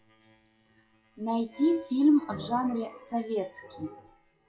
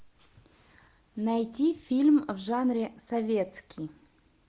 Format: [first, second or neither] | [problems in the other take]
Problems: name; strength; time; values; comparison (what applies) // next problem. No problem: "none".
second | noise reduction (classical method WPE with log-MMSE)